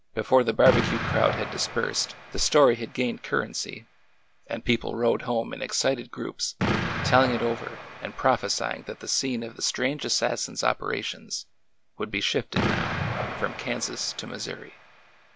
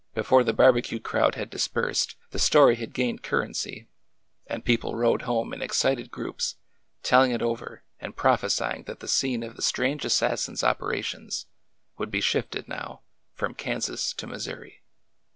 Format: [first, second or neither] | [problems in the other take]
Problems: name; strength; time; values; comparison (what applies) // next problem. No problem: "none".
second | background sound (Explosion); 7 dB below the speech